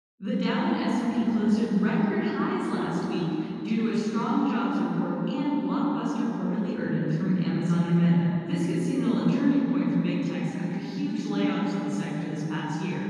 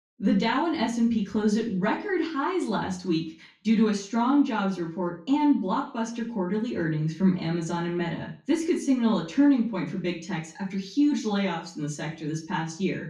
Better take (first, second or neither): second